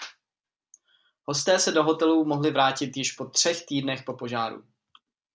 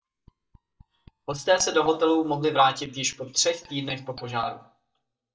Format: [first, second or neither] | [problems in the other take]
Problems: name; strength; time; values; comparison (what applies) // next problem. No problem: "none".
first | noise reduction (neural mask model DeepFilterNet 3)